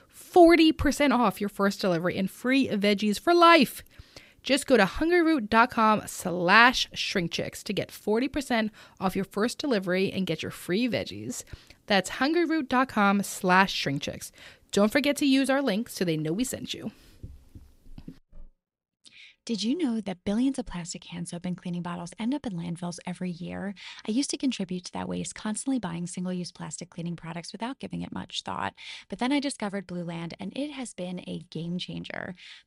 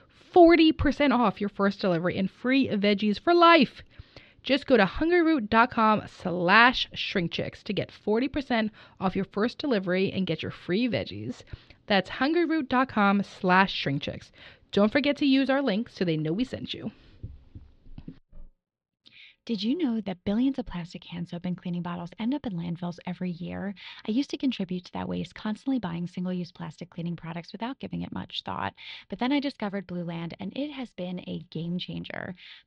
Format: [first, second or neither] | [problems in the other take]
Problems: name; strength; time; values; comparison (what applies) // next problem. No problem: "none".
first | muffled; very slightly; fading above 4 kHz